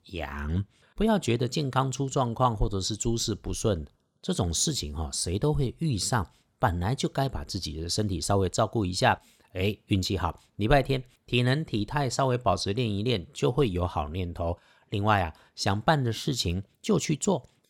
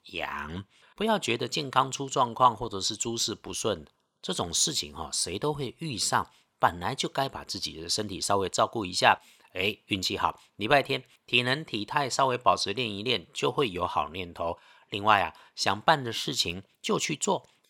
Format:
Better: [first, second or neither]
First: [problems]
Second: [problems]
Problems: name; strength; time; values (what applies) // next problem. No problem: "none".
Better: first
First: none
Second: thin; somewhat; fading below 850 Hz